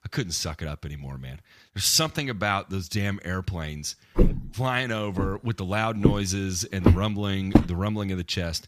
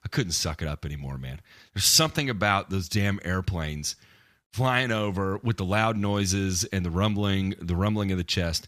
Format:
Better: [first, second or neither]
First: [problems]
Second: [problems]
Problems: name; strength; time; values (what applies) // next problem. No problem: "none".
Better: second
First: footsteps; loud; from 4 to 7.5 s; peak 5 dB above the speech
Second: none